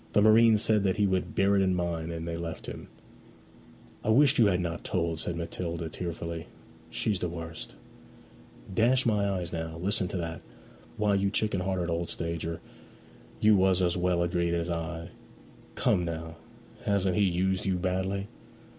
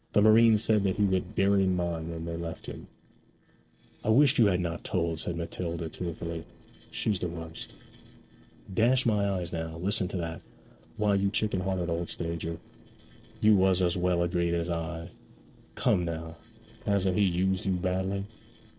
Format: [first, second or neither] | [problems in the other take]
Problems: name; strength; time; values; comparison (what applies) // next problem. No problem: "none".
first | noise reduction (neural separator model SepFormer DNS4)